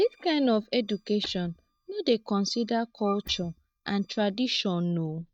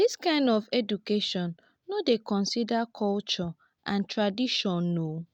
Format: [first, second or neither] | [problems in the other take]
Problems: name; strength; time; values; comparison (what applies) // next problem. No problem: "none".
second | noise reduction (neural mask model DeepFilterNet 3)